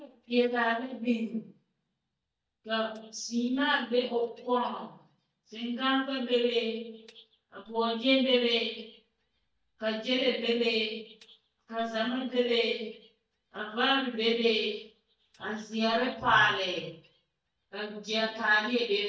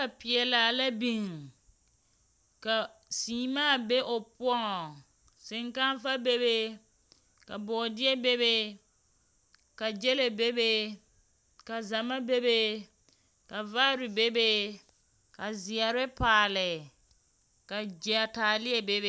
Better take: second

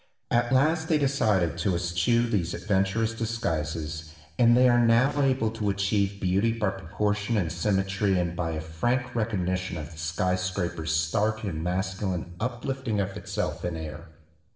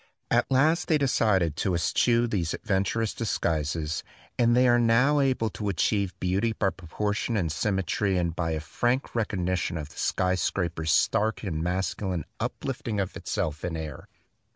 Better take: second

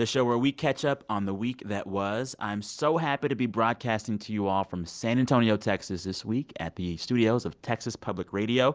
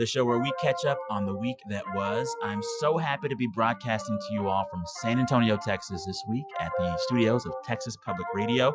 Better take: first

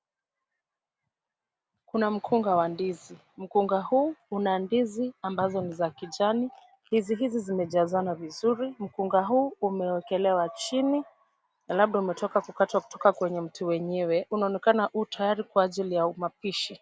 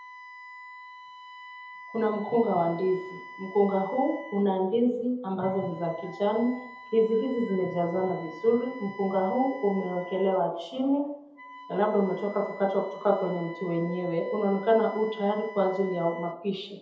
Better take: first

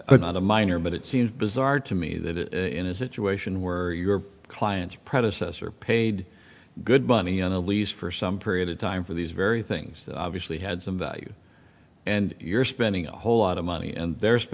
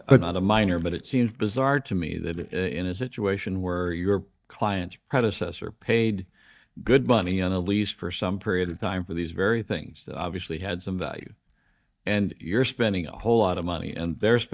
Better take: first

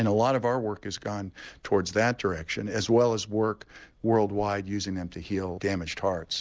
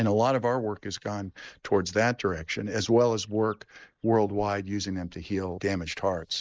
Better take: first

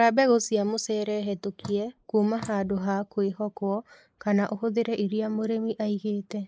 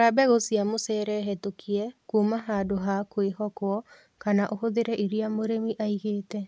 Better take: second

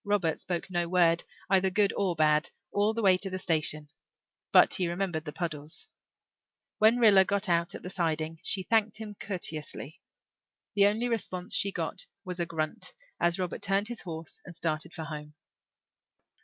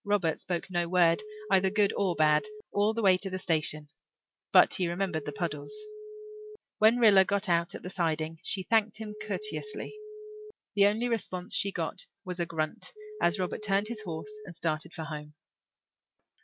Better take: first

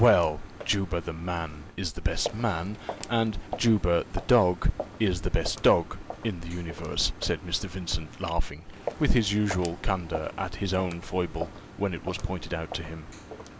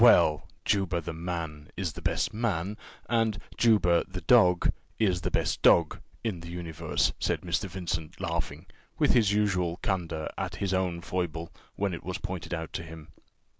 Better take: second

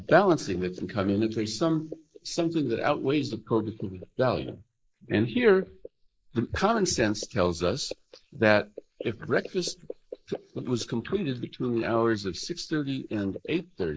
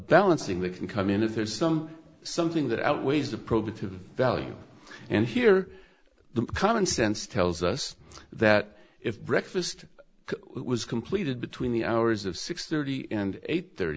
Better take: second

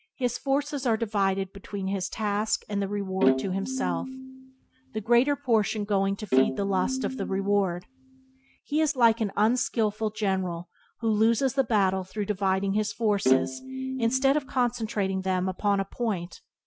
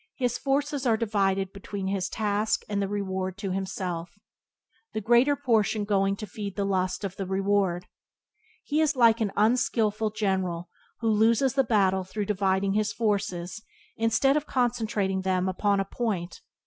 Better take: second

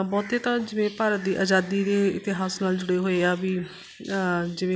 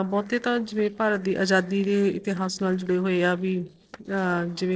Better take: first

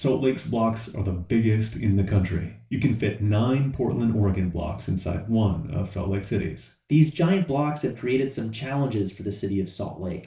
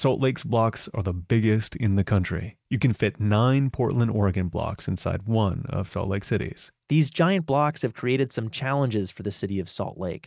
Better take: second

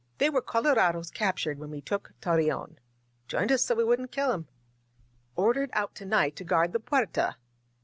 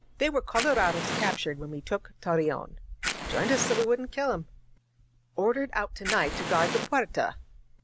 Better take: first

